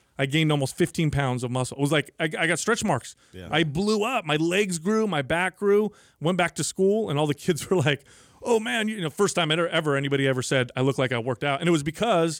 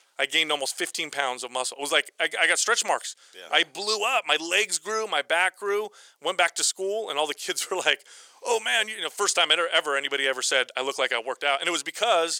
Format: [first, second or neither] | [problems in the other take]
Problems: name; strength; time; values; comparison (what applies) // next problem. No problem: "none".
first | thin; very; fading below 550 Hz